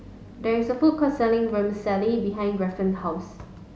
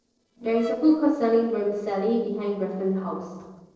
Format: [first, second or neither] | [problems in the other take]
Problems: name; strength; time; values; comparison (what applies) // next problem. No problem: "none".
first | noise reduction (neural separator model SepFormer DNS4)